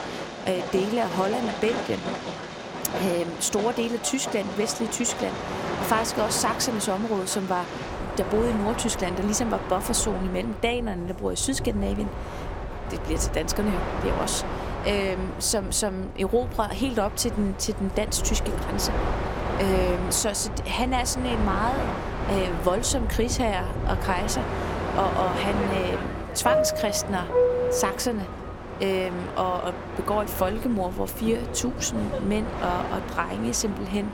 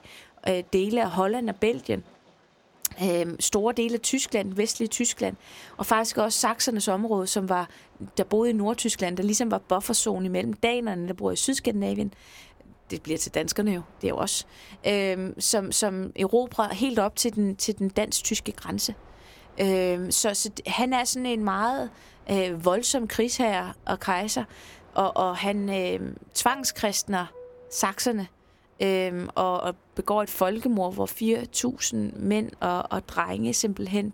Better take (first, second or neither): second